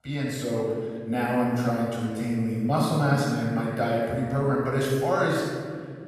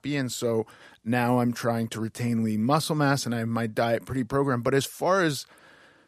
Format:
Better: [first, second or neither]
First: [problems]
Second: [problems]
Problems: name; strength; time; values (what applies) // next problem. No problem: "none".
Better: second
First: off-mic speech; far // room echo; strong; dies away in 1.9 s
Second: none